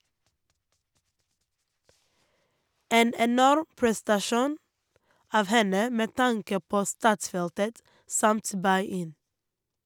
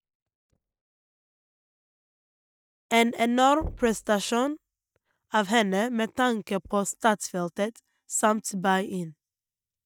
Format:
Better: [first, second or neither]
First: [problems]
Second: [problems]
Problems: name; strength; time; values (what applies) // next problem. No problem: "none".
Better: first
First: none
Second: noise reduction (neural mask model DeepFilterNet 3)